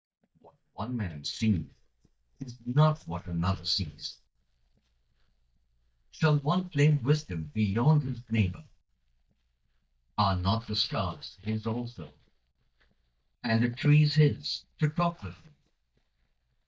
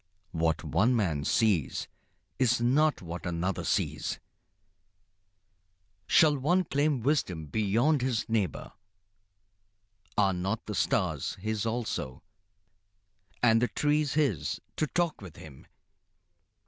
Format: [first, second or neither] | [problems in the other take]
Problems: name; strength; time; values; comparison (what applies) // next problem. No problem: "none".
second | noise reduction (neural mask model DeepFilterNet 3)